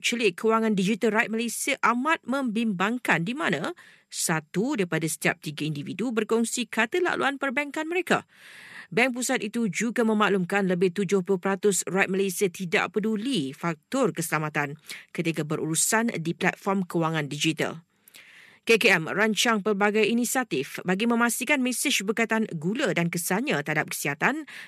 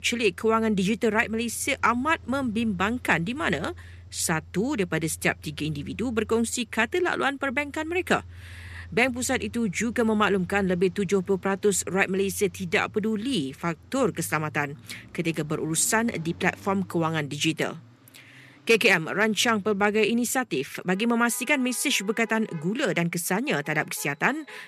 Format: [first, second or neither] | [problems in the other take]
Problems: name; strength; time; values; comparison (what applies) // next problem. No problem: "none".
first | traffic noise; faint; throughout; 25 dB below the speech